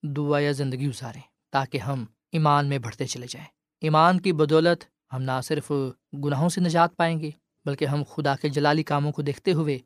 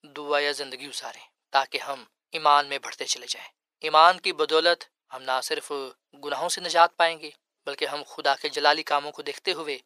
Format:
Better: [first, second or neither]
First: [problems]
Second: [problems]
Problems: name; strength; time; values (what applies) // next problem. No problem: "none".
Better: first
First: none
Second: thin; very; fading below 550 Hz